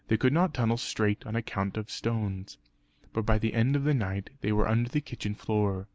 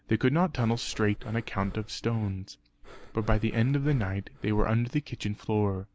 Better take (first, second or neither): first